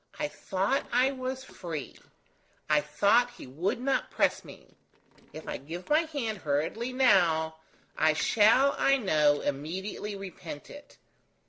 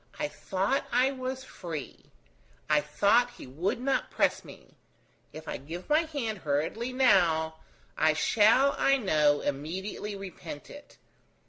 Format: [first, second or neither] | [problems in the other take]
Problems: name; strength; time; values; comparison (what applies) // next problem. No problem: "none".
second | noise reduction (neural separator model SepFormer DNS4)